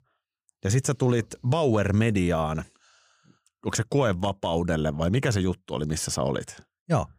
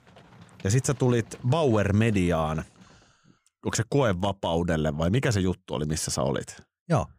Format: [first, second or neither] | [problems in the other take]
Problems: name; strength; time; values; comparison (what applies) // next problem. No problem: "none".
first | animal sounds; faint; until 3 s; 25 dB below the speech